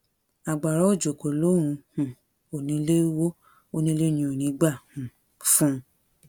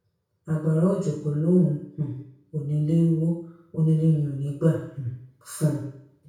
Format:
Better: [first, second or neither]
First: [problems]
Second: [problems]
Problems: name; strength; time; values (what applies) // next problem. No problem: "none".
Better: first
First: none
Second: room echo; dies away in 0.6 s